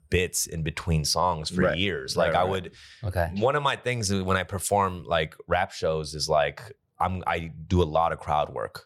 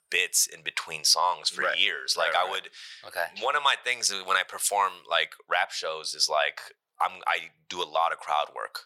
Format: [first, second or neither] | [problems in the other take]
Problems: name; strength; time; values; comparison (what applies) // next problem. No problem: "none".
first | thin; very; fading below 950 Hz